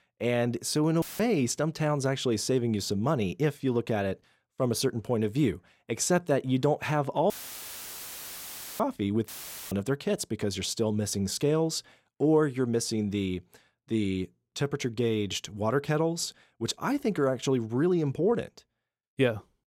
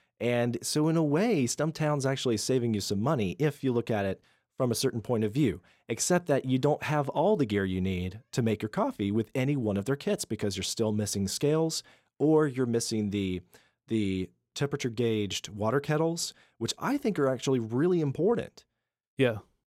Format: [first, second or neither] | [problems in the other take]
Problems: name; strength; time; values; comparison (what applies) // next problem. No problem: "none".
second | audio cutting out; filled with static; at 1 s, at 7.5 s for 1.5 s and at 9.5 s